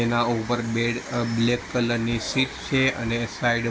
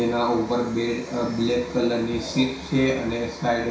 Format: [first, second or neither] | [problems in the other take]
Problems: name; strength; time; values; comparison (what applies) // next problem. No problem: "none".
first | room echo; dies away in 0.6 s